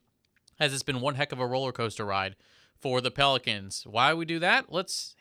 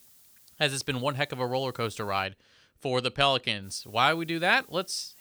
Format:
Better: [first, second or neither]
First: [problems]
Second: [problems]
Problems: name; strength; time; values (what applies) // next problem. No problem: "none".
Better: first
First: none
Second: hiss; faint; until 2 s and from 3.5 s on; 25 dB below the speech